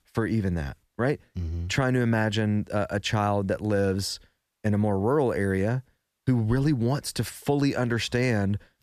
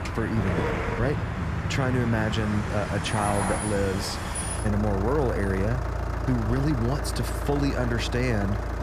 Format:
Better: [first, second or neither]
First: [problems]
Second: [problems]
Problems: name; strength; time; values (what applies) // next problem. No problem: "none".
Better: first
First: none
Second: traffic noise; loud; throughout; 2 dB below the speech